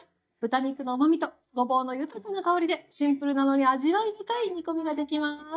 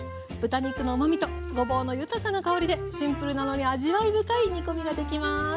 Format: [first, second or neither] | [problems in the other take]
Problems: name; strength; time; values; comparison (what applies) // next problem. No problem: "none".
second | noise reduction (neural mask model DeepFilterNet 3)